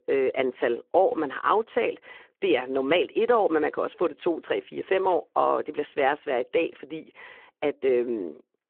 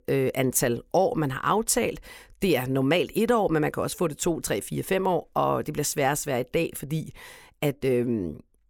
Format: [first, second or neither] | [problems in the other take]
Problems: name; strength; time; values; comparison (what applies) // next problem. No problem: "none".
second | phone-call audio